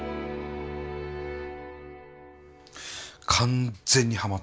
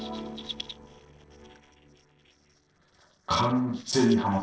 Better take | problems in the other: first | noise reduction (neural separator model SepFormer DNS4)

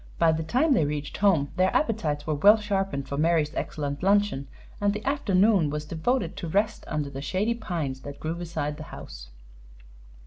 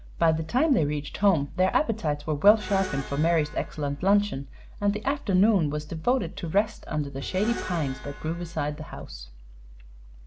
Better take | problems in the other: first | background sound (Screech); 15 dB below the speech

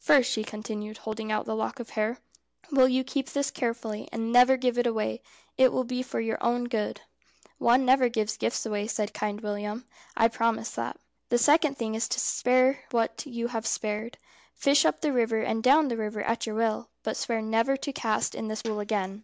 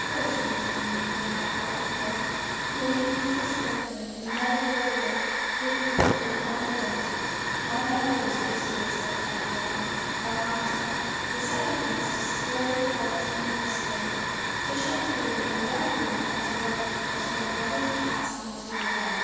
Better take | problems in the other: first | background sound (Hiss / Fire); 3 dB above the speech // room echo; dies away in 2.1 s

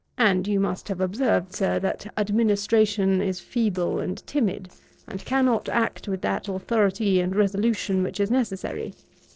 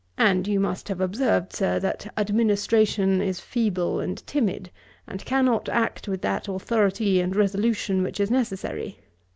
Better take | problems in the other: second | noise reduction (neural separator model SepFormer DNS4)

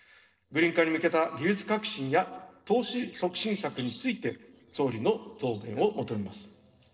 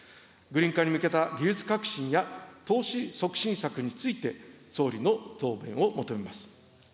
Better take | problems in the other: second | noise reduction (neural separator model SepFormer DNS4)

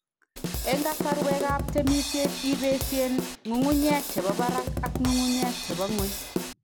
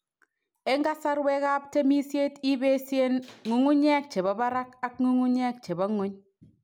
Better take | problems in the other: second | background sound (Drum kit); 3 dB below the speech

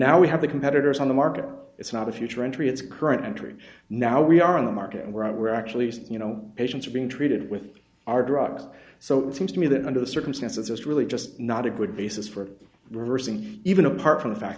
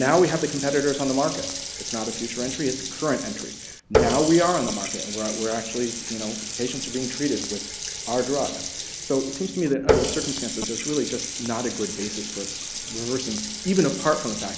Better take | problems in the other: first | background sound (Water tap, faucet); 4 dB below the speech

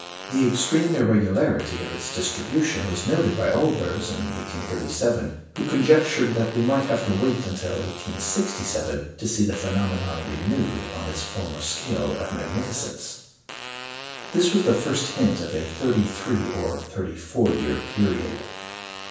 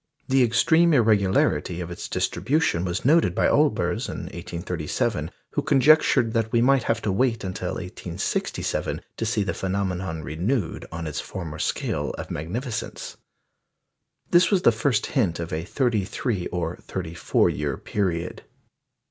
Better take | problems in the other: second | background sound (Fart); 13 dB below the speech // room echo; dies away in 0.7 s

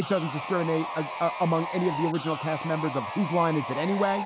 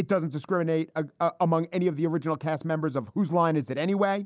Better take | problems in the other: second | background sound (Sawing); 7 dB below the speech

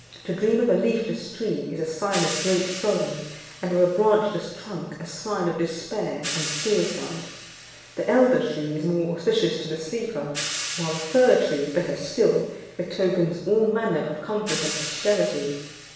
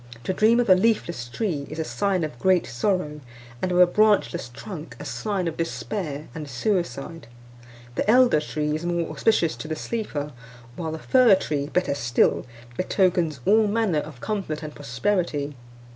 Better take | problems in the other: second | background sound (Hi-hat); 12 dB below the speech // room echo; dies away in 0.9 s

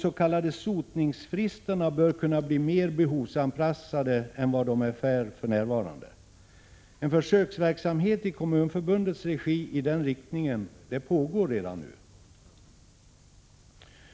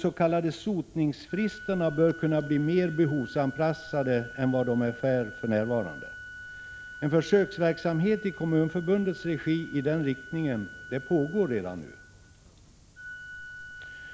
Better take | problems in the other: first | background sound (Organ); 16 dB below the speech

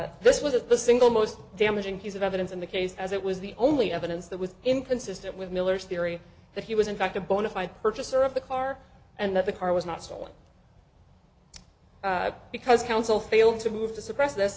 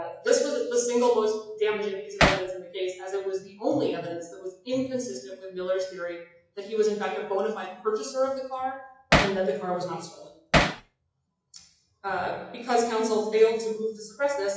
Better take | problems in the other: first | noise reduction (classical method WPE with log-MMSE)

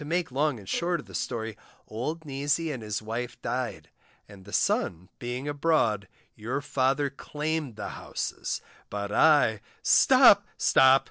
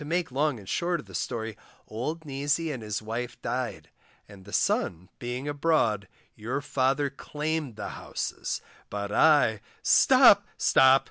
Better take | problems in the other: second | noise reduction (neural separator model SepFormer DNS4)

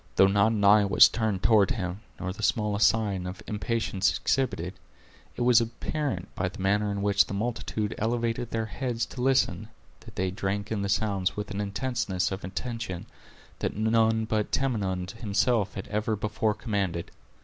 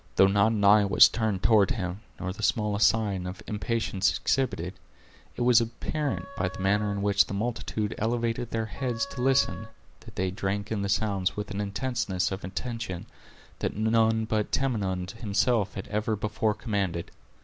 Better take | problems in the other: first | background sound (Wind instrument, woodwind instrument); 19 dB below the speech

